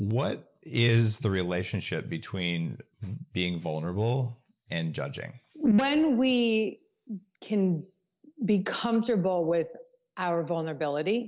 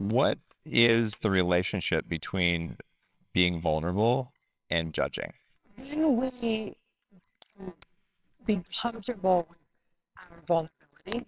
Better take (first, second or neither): first